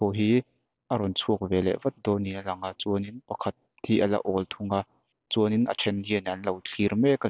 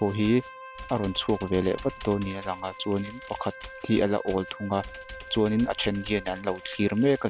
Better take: first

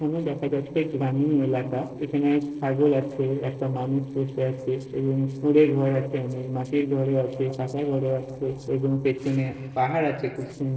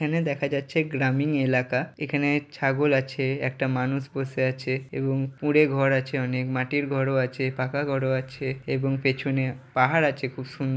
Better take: second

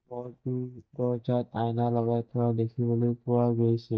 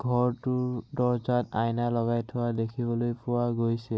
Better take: second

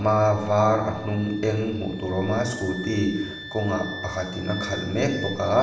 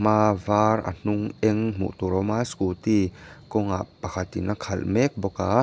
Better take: second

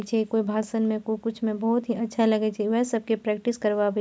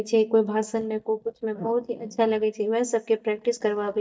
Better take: first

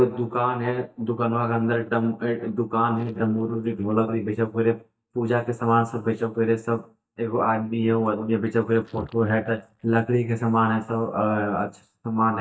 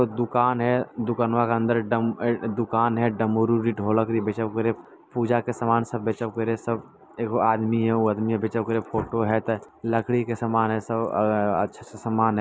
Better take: second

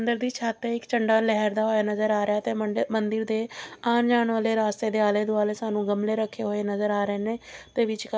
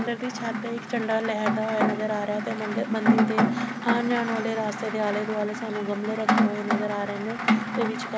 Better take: first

